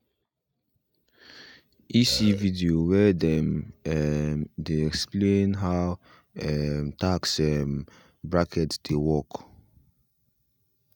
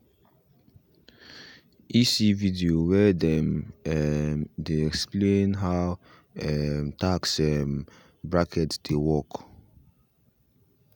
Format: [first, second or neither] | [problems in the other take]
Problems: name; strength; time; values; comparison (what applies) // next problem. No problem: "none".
second | noise reduction (neural mask model DeepFilterNet 3)